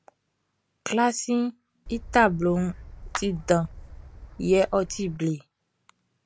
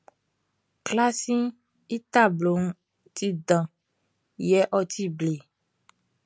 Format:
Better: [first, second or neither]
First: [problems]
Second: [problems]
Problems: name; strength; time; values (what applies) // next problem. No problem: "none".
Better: second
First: background sound (Gull, seagull / Wind + Clapping); 14 dB below the speech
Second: none